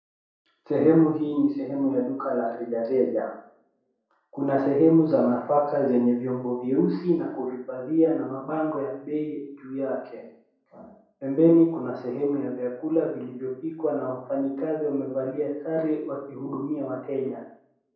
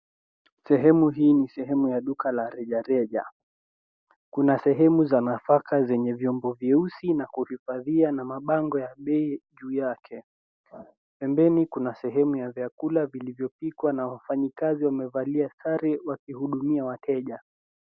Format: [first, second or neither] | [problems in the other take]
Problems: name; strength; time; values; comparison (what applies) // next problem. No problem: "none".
second | room echo; dies away in 0.6 s